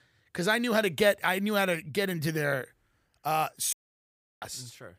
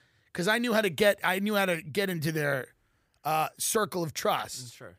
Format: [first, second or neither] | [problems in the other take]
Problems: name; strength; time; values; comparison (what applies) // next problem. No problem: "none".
second | audio cutting out; at 3.5 s for 0.5 s